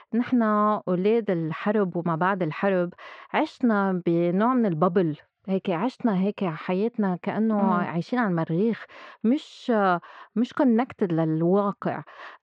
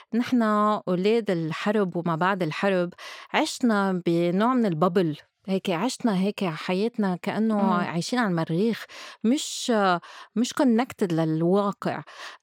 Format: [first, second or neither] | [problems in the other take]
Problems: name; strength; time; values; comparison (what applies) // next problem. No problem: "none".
second | muffled; very; fading above 2 kHz